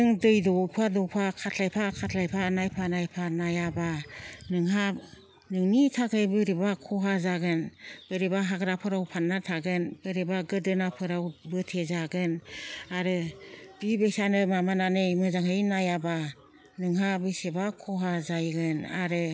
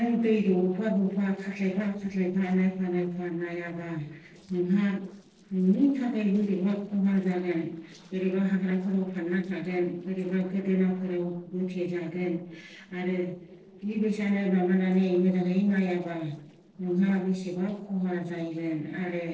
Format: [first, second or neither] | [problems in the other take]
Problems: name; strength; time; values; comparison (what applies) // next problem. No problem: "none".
first | noise reduction (neural separator model SepFormer DNS4)